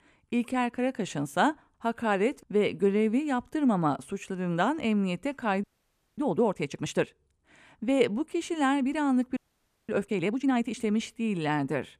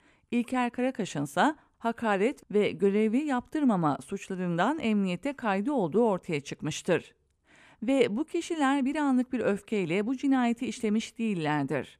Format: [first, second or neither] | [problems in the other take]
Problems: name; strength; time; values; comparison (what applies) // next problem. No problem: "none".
second | audio freezing; at 5.5 s for 0.5 s and at 9.5 s for 0.5 s